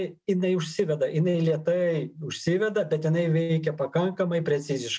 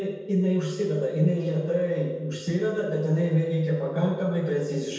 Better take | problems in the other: first | room echo; dies away in 1.1 s

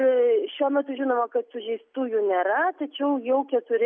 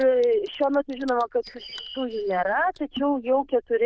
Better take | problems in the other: first | noise reduction (neural diffusion model UNIVERSE++)

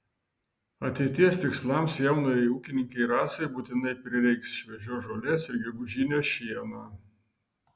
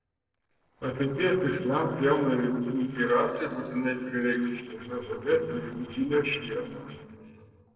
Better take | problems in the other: first | noise reduction (neural separator model SepFormer DNS4)

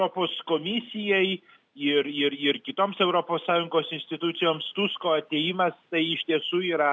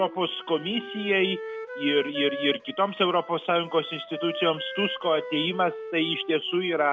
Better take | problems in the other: first | background sound (Wind instrument, woodwind instrument); 11 dB below the speech

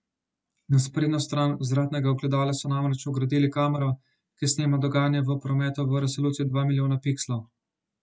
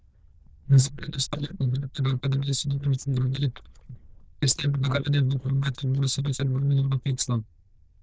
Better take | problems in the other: first | noise reduction (neural diffusion model UNIVERSE++)

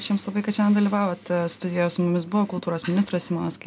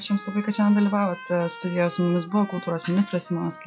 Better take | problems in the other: first | noise reduction (classical method log-MMSE)

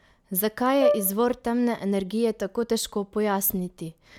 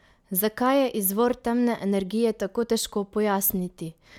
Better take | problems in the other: second | background sound (Brass instrument); 3 dB below the speech

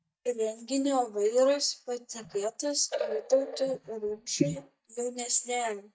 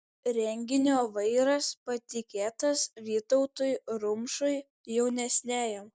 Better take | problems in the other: second | noise reduction (neural mask model DeepFilterNet 3)

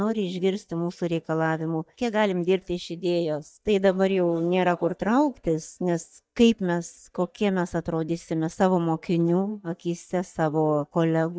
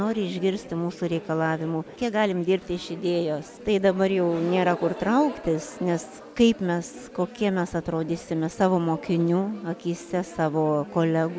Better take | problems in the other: second | noise reduction (neural mask model DeepFilterNet 3)

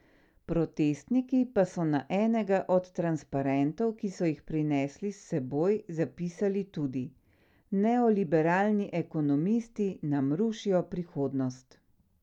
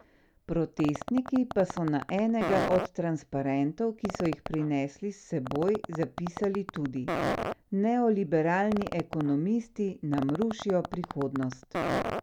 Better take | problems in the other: first | background sound (Fart); 8 dB below the speech

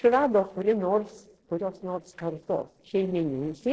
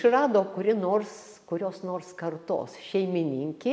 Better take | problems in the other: second | noise reduction (neural separator model SepFormer DNS4)

